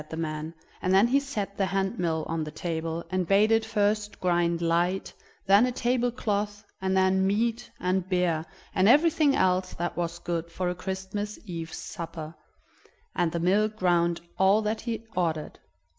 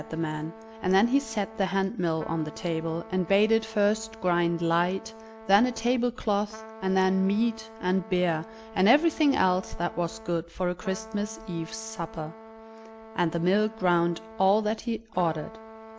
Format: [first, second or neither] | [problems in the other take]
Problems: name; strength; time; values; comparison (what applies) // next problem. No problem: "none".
first | background sound (Trumpet); 18 dB below the speech